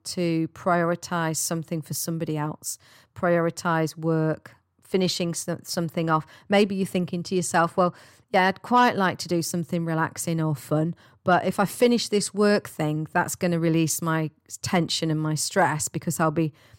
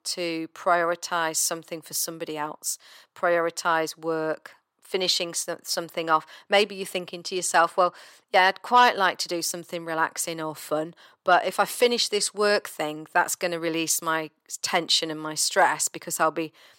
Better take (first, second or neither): first